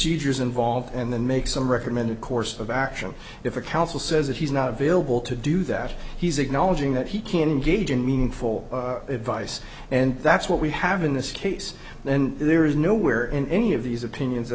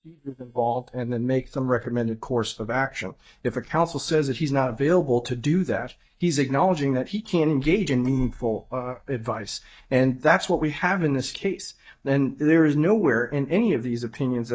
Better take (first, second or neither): first